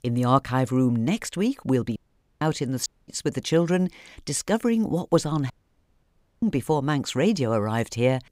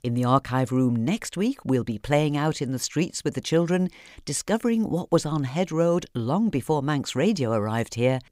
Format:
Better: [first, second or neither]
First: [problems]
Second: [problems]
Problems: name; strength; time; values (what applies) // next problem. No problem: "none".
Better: second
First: audio cutting out; at 2 s, at 3 s and at 5.5 s for 1 s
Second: none